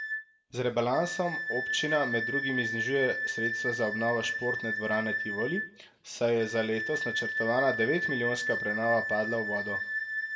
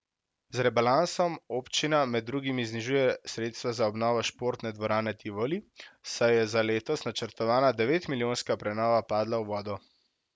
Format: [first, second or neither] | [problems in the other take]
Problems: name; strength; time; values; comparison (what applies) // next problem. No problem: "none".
second | background sound (Wind instrument, woodwind instrument); 2 dB below the speech // room echo; dies away in 0.5 s